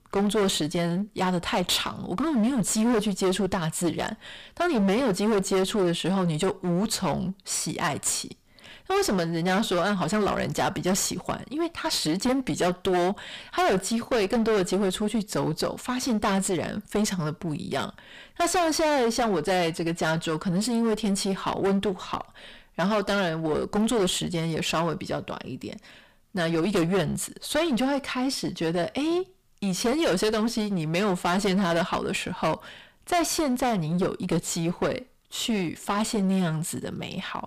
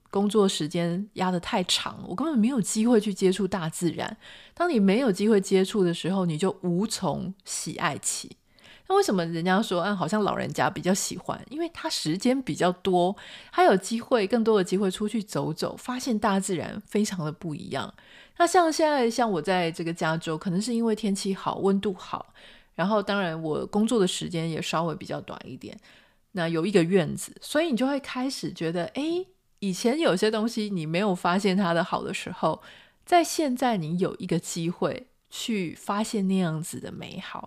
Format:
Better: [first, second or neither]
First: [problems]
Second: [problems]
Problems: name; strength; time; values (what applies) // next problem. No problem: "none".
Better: second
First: distortion; heavy; 18% of the sound clipped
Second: none